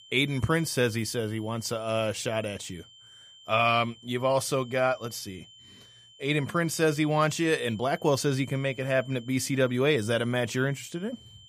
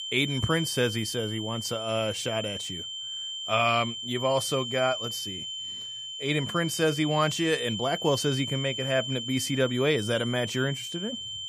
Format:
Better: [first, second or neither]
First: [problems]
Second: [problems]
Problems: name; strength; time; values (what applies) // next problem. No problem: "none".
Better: first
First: high-pitched whine; faint; throughout; 3 kHz, 25 dB below the speech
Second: high-pitched whine; loud; throughout; 3 kHz, 5 dB below the speech